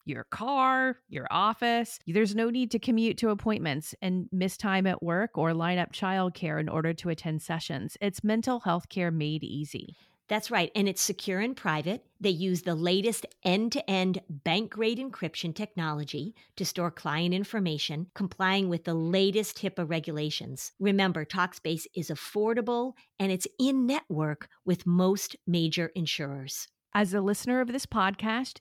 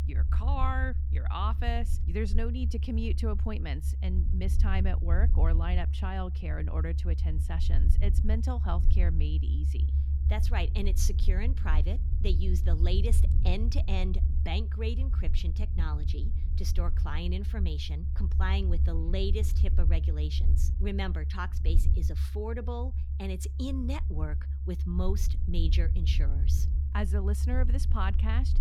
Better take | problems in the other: first | low rumble; loud; throughout; 8 dB below the speech

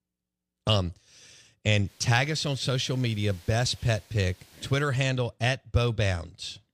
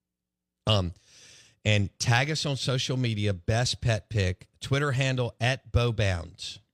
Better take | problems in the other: second | hiss; very faint; from 2 to 5 s; 25 dB below the speech

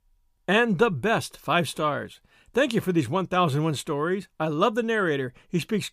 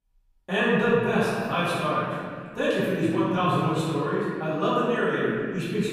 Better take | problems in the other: first | off-mic speech; far // room echo; strong; dies away in 2 s

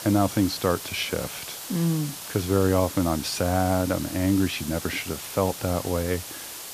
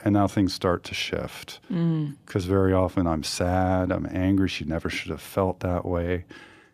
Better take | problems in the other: second | hiss; loud; throughout; 9 dB below the speech

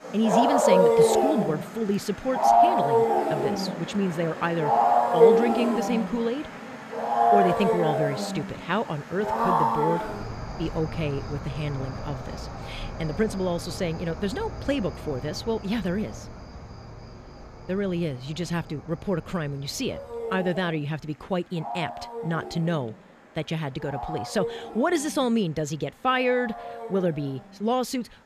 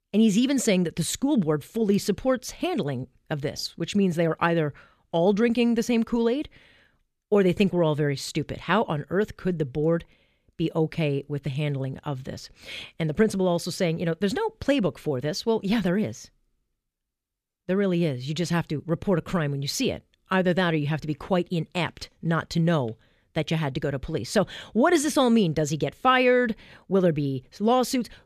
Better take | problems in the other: second | animal sounds; very loud; throughout; 3 dB above the speech

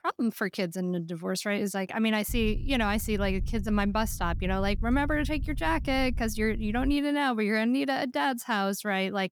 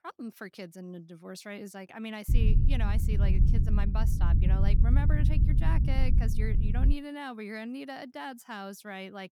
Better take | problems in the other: first | low rumble; loud; from 2.5 to 7 s; 3 dB below the speech; faint in the first

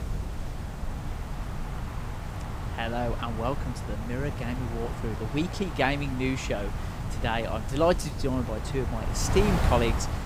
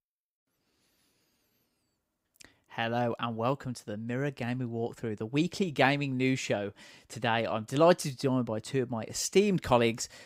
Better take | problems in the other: second | wind noise on the microphone; heavy; 8 dB below the speech

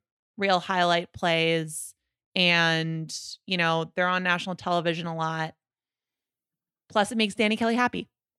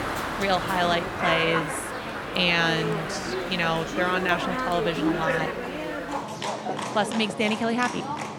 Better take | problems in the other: first | animal sounds; loud; throughout; 3 dB below the speech

